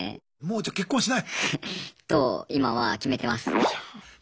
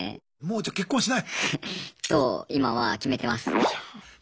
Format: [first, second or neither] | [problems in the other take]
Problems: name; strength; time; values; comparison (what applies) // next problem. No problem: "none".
first | background sound (Shatter); 18 dB below the speech